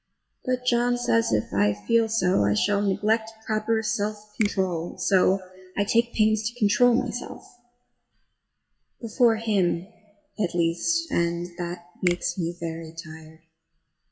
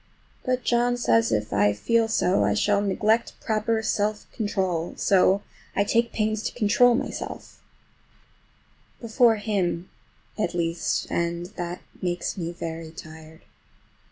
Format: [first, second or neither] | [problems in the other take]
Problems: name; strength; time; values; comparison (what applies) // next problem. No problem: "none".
second | noise reduction (classical method WPE with log-MMSE)